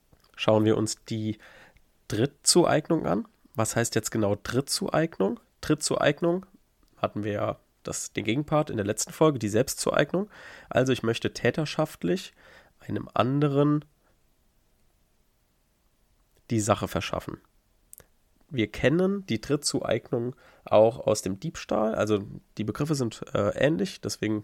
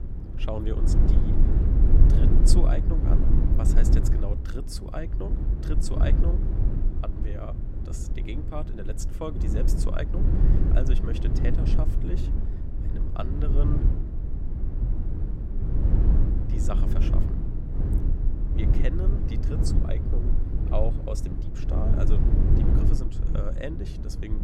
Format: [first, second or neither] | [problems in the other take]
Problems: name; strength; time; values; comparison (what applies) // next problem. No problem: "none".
first | low rumble; loud; throughout; 1 dB below the speech